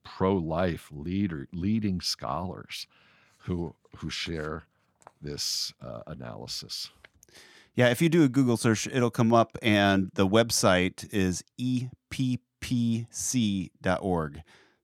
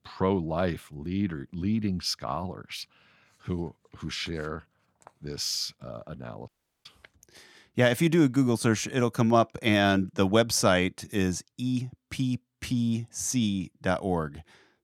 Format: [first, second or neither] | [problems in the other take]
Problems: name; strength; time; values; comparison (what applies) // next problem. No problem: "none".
first | audio cutting out; at 6.5 s